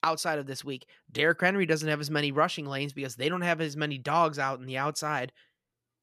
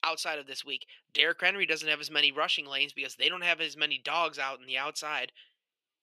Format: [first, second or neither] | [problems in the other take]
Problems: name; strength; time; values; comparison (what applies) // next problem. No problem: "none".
first | thin; somewhat; fading below 400 Hz